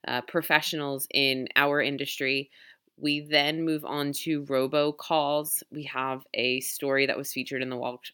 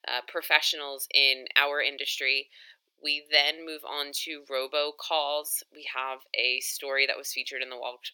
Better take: first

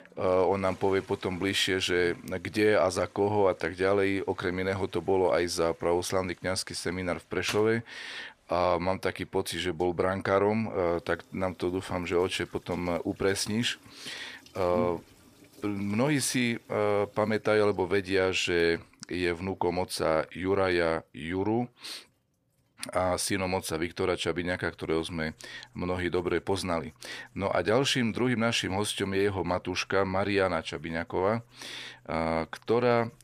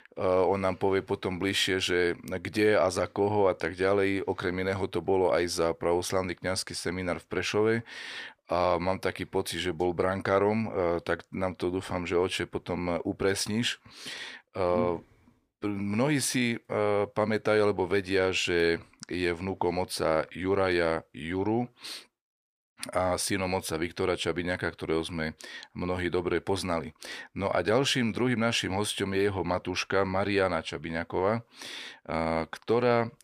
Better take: second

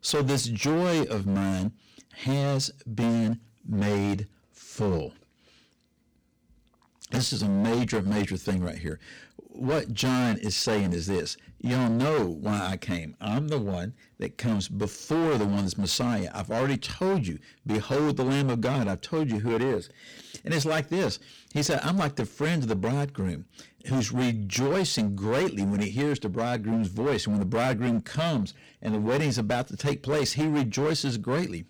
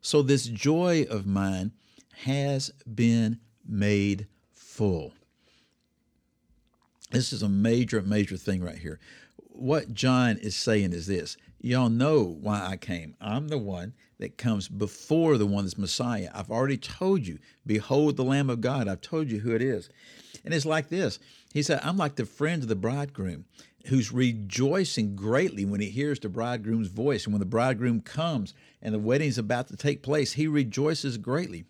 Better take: second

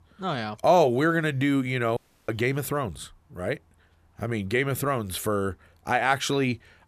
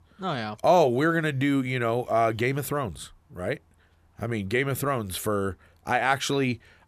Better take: second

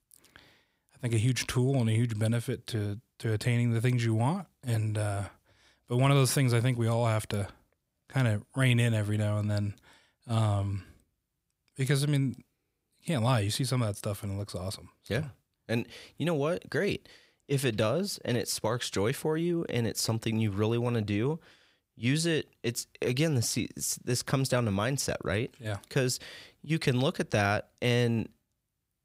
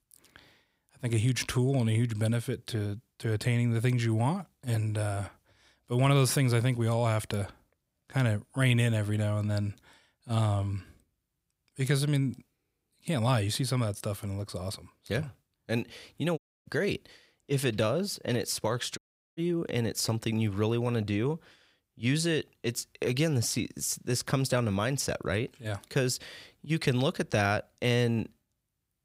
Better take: first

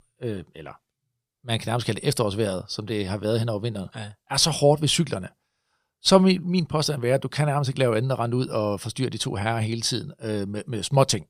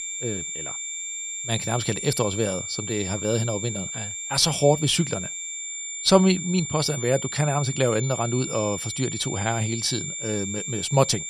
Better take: first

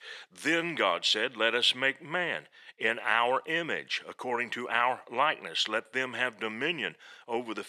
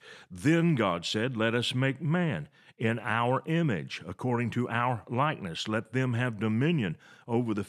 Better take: second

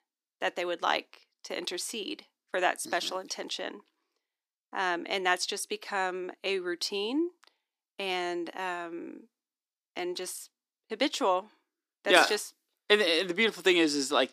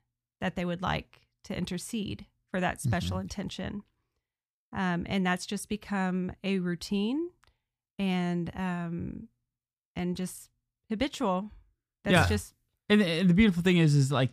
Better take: second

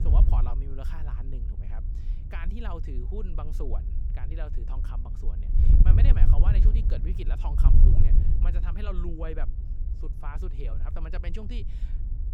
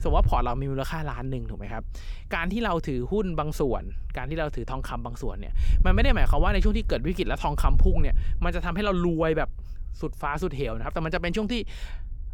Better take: second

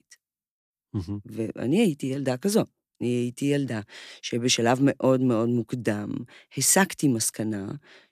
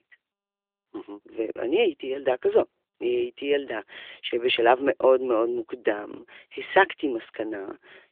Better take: first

